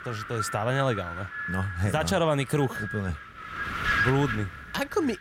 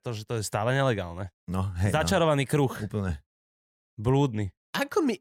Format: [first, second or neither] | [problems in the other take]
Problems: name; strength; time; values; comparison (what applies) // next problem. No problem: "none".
second | wind noise on the microphone; heavy; 1 dB below the speech